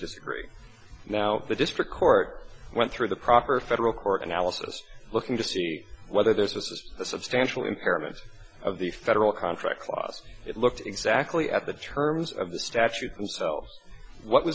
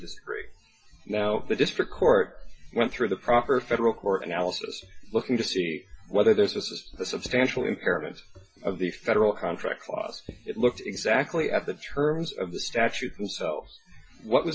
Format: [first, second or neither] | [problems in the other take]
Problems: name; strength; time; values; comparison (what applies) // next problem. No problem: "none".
first | noise reduction (classical method WPE with log-MMSE)